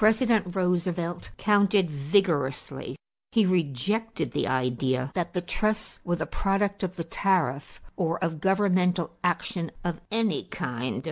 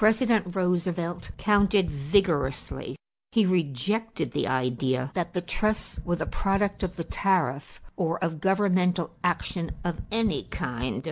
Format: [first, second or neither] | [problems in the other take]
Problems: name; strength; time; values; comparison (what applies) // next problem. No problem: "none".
first | background sound (Tap); 13 dB below the speech